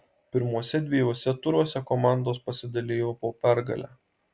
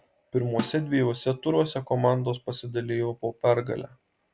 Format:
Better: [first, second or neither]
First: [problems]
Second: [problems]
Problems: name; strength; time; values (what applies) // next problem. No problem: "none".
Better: first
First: none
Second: background sound (Snare drum); 13 dB below the speech